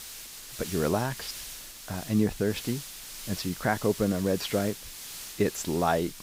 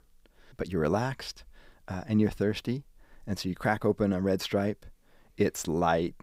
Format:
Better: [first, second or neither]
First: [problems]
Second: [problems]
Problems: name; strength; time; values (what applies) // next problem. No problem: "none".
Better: second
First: hiss; loud; throughout; 10 dB below the speech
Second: none